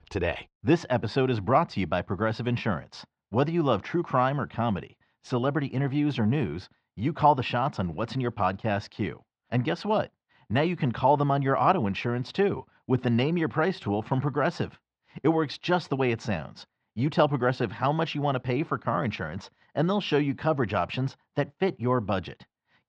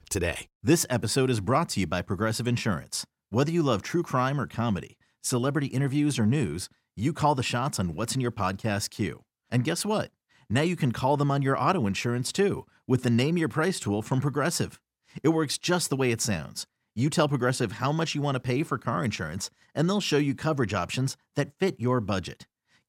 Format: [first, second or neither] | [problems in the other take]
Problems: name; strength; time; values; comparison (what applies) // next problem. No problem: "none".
second | muffled; slightly; fading above 4 kHz